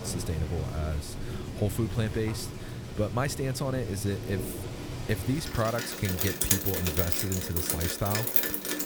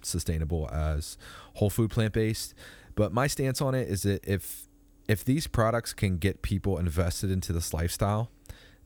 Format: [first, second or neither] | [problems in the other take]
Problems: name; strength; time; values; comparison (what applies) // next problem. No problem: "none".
second | rain or running water; very loud; throughout; 1 dB above the speech